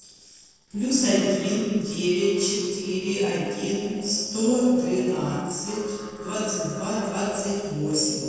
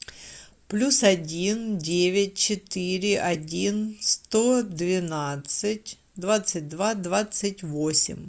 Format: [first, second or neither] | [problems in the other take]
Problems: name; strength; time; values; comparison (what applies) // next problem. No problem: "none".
second | noise reduction (neural separator model SepFormer DNS4)